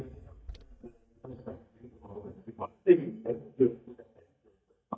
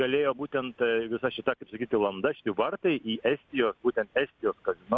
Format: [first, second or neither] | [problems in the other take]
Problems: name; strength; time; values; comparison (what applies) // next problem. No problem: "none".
second | noise reduction (neural mask model DeepFilterNet 3)